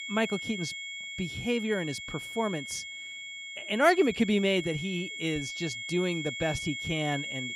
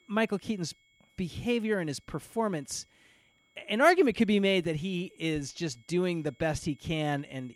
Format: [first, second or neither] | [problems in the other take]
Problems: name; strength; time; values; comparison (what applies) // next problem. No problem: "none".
second | high-pitched whine; loud; throughout; 2 kHz, 6 dB below the speech; faint in the second